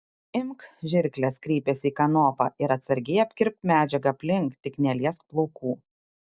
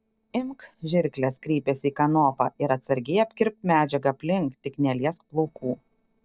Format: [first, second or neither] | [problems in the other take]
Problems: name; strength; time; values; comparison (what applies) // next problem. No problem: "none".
first | noise reduction (neural separator model SepFormer DNS4)